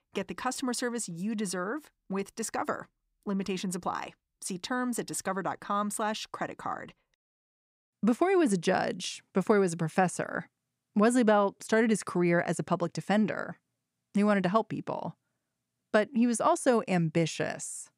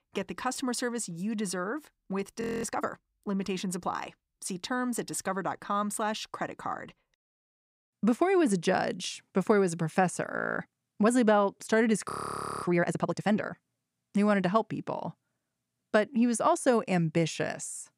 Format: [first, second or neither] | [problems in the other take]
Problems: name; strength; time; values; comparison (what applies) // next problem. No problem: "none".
first | audio freezing; at 2.5 s, at 10 s and at 12 s for 0.5 s